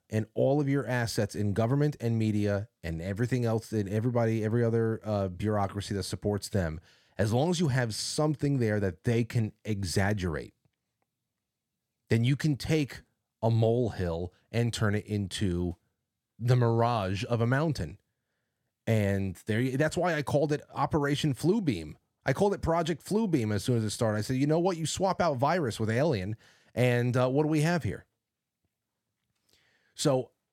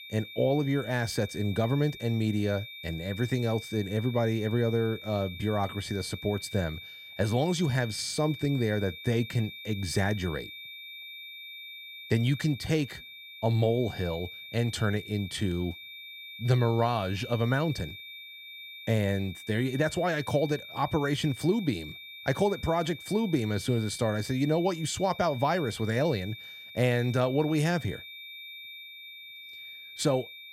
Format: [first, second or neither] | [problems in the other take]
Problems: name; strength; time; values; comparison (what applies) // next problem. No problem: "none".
first | high-pitched whine; noticeable; throughout; 2.5 kHz, 15 dB below the speech